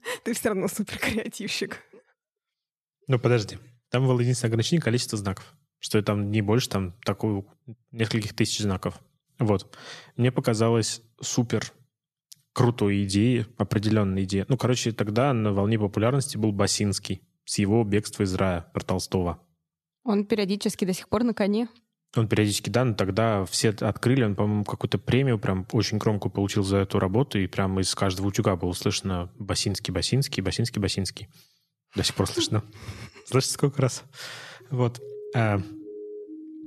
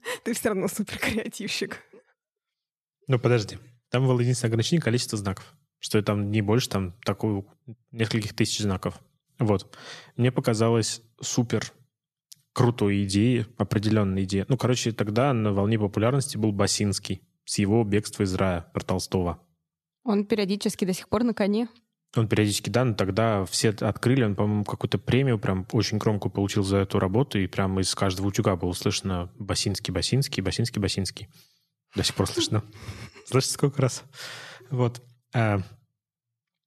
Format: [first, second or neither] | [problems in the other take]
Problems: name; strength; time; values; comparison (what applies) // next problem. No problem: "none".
second | siren; faint; from 35 s on; peak 15 dB below the speech